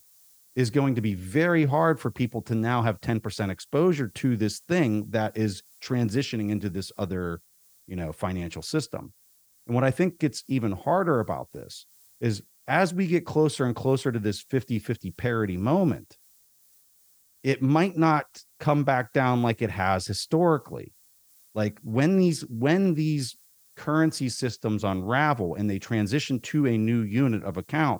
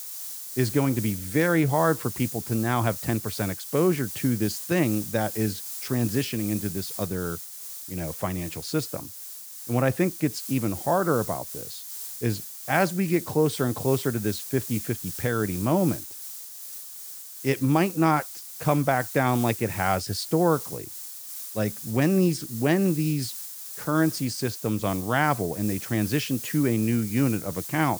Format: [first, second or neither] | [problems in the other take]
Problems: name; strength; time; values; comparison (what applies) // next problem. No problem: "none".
first | hiss; loud; throughout; 9 dB below the speech; faint in the first